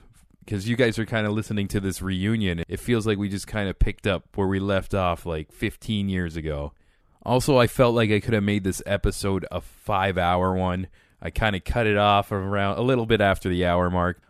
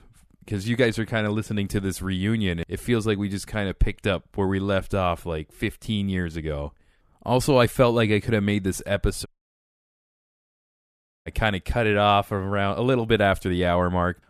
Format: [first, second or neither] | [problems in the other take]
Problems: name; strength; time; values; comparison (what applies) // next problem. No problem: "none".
first | audio cutting out; at 9.5 s for 2 s